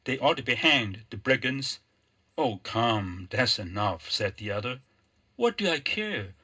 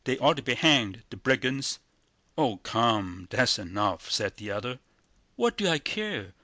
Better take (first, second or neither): second